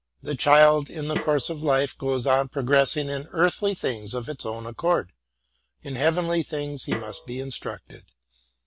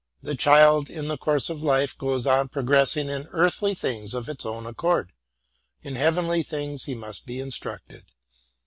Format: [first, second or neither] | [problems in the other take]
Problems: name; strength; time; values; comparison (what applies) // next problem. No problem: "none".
second | background sound (Snare drum); 13 dB below the speech